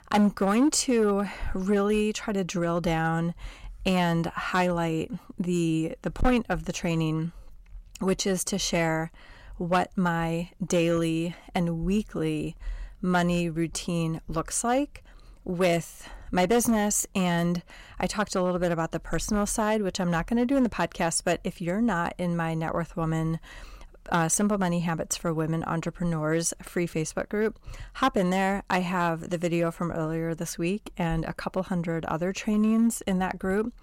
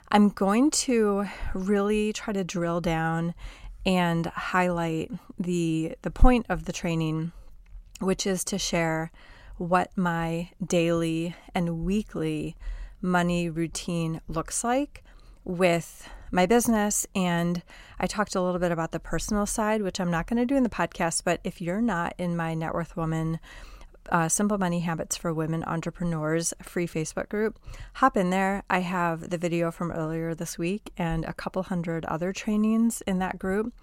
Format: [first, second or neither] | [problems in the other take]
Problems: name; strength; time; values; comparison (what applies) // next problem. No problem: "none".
second | distortion; slight; 2% of the sound clipped